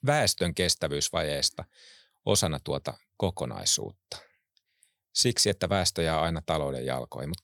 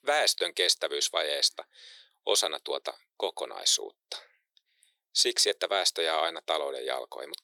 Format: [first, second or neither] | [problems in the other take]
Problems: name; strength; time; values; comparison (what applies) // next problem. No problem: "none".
first | thin; very; fading below 350 Hz